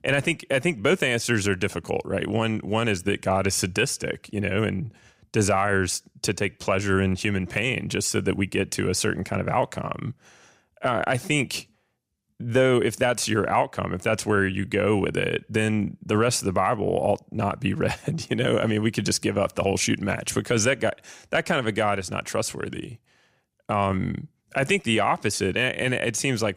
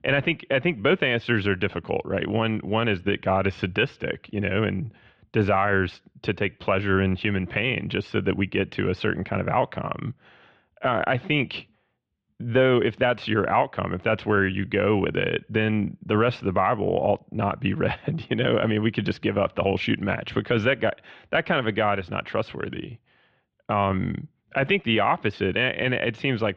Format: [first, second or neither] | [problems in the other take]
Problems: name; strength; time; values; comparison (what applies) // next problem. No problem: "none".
first | muffled; very; fading above 3.5 kHz